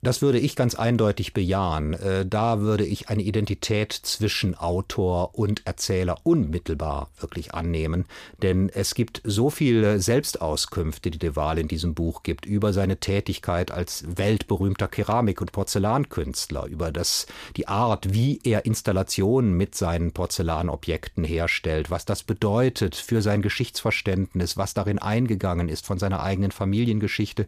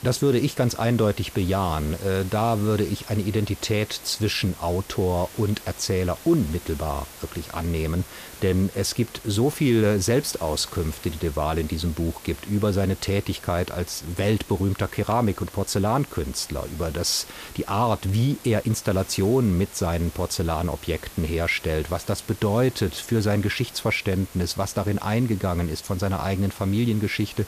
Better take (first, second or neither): first